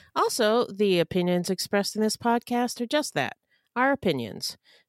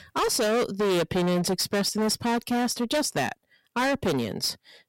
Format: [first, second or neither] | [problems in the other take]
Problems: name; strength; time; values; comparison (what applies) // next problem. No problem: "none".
first | distortion; heavy; 23% of the sound clipped